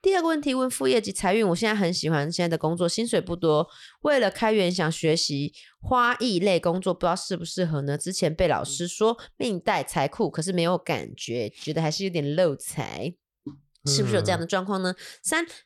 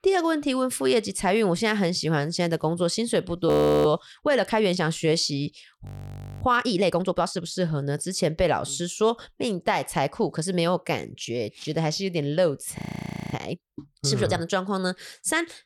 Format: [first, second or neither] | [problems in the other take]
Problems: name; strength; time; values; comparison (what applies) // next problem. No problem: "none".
first | audio freezing; at 3.5 s, at 6 s for 0.5 s and at 13 s for 0.5 s